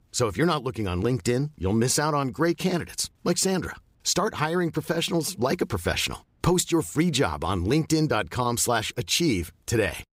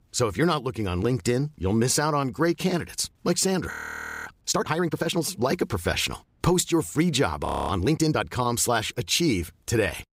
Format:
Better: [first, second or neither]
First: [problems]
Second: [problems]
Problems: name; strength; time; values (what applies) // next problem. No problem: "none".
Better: first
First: none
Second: audio freezing; at 3.5 s for 0.5 s and at 7.5 s